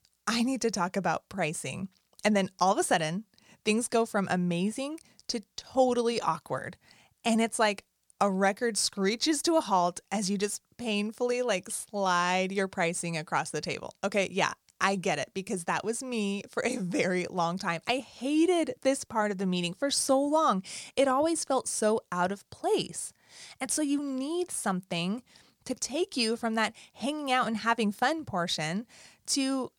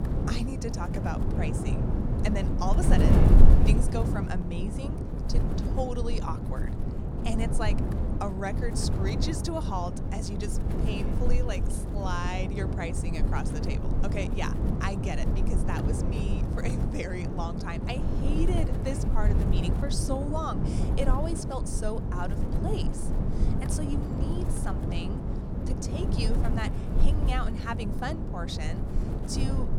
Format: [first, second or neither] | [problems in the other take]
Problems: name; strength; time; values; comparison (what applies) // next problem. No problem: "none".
first | wind noise on the microphone; heavy; 2 dB below the speech